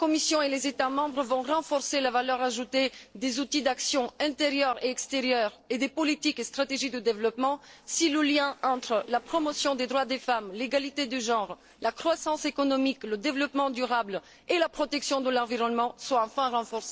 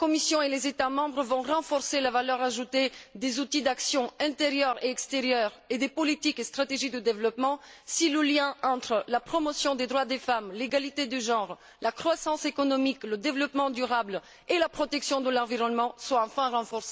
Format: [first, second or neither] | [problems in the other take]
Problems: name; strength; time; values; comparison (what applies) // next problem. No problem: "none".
second | noise reduction (neural separator model SepFormer DNS4)